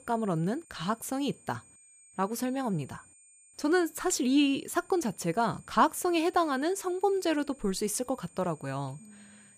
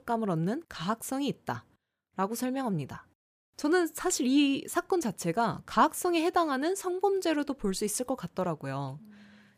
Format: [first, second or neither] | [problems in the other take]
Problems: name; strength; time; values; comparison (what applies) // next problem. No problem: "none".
second | high-pitched whine; faint; throughout; 8.5 kHz, 25 dB below the speech